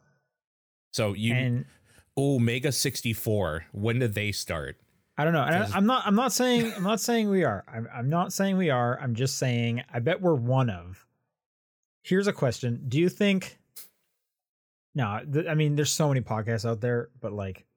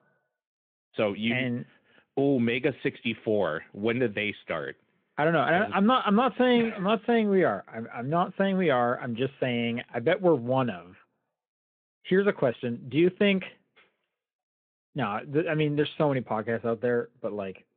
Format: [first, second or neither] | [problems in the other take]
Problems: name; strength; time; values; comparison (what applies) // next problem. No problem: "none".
first | phone-call audio; nothing above 3.5 kHz